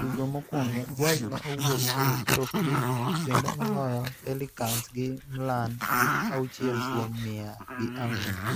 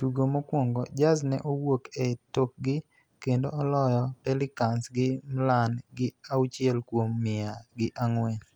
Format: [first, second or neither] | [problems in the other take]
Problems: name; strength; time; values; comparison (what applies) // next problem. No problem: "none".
second | noise reduction (neural mask model Resemble Enhance denoiser)